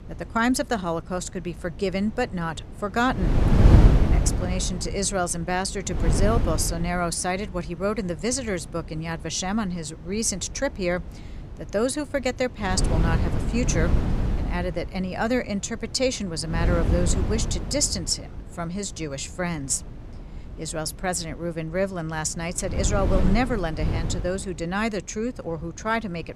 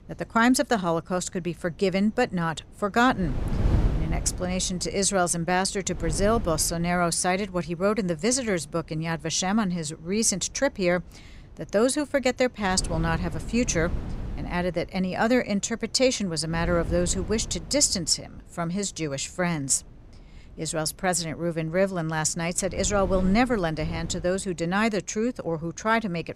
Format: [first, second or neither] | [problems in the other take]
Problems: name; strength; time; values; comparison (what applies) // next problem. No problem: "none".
second | wind noise on the microphone; heavy; 6 dB below the speech; occasional gusts in the second